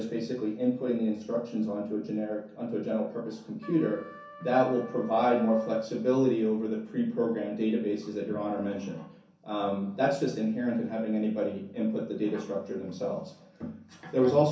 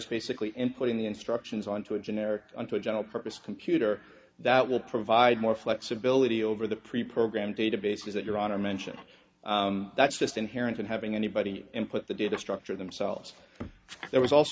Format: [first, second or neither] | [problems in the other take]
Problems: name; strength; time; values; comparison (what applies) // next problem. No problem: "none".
second | background sound (Trumpet); 20 dB below the speech // room echo; dies away in 0.6 s